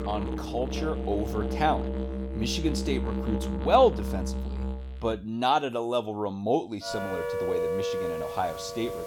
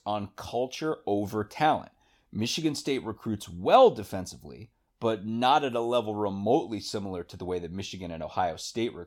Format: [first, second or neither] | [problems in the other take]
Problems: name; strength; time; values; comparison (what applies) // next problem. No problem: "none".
second | background music; loud; throughout; 3 dB below the speech